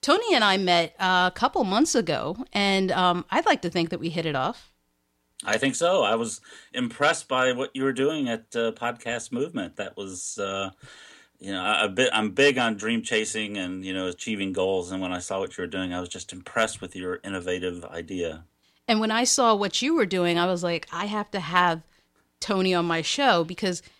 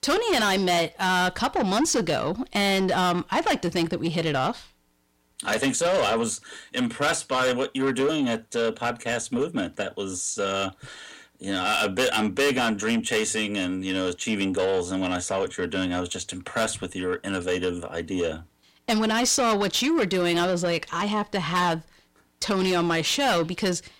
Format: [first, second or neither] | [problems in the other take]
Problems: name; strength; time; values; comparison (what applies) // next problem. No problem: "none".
first | distortion; heavy; 8 dB below the speech